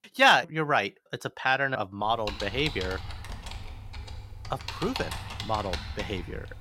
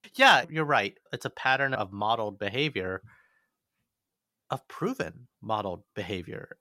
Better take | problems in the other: second | keyboard typing; noticeable; from 2 s on; peak 7 dB below the speech

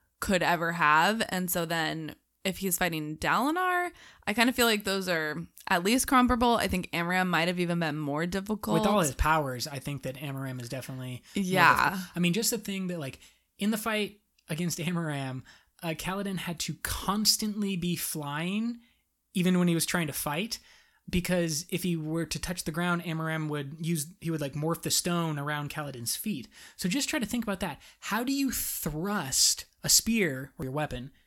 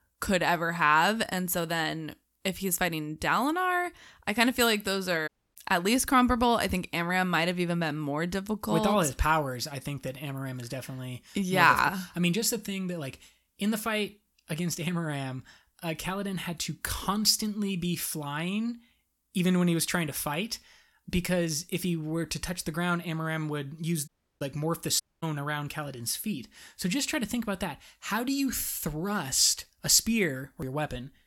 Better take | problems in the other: first | audio cutting out; at 5.5 s, at 24 s and at 25 s

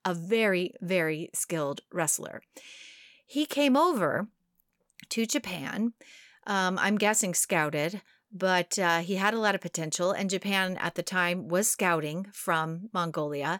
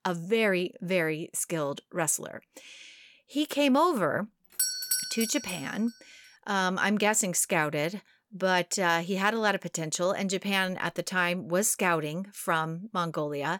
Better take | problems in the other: first | doorbell; loud; at 4.5 s; peak 2 dB above the speech

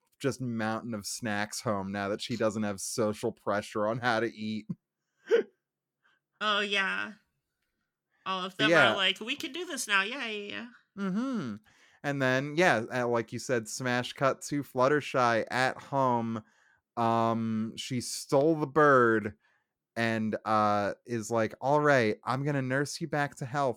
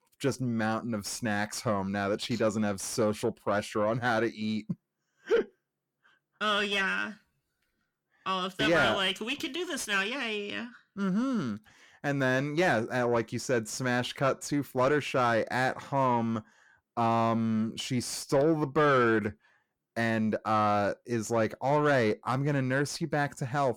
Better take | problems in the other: first | distortion; slight; 10 dB below the speech

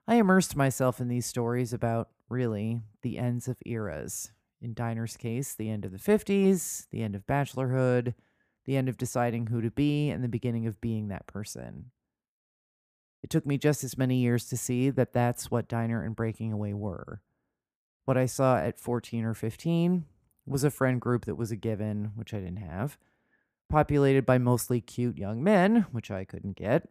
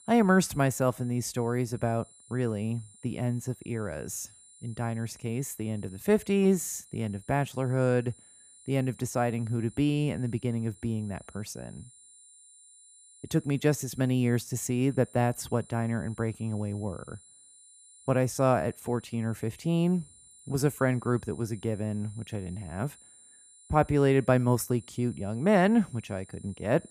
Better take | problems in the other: first | high-pitched whine; faint; throughout; 9.5 kHz, 25 dB below the speech

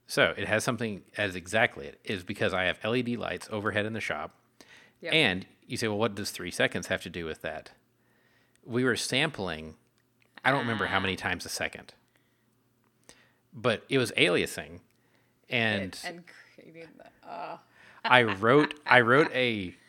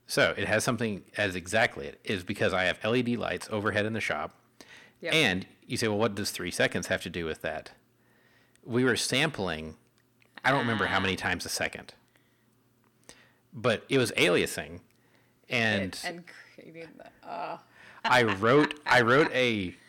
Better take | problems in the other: first | distortion; slight; 10 dB below the speech

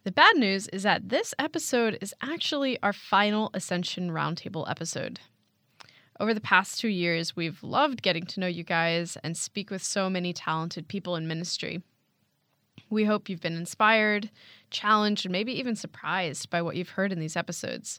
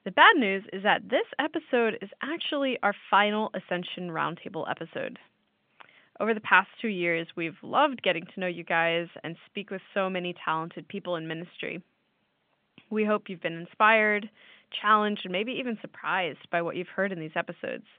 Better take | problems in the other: first | phone-call audio; nothing above 3 kHz

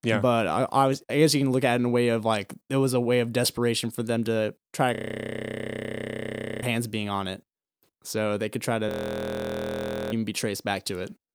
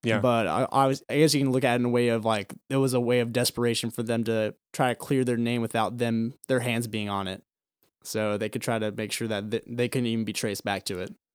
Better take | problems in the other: second | audio freezing; at 5 s for 1.5 s and at 9 s for 1 s

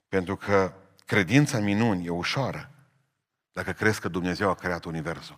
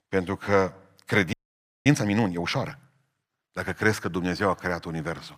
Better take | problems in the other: first | audio freezing; at 1.5 s for 0.5 s

